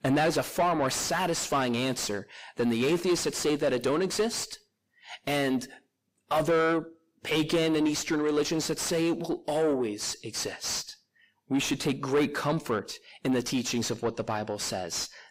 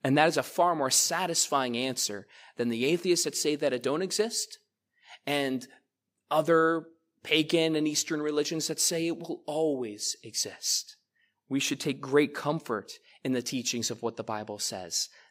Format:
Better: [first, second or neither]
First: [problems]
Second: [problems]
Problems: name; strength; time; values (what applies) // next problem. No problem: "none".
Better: second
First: distortion; heavy; 6 dB below the speech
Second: none